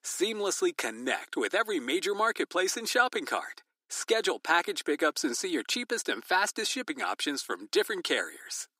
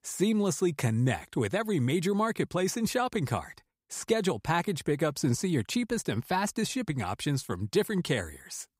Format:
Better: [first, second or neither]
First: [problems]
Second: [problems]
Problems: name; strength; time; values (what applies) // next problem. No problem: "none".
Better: second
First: thin; somewhat; fading below 300 Hz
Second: none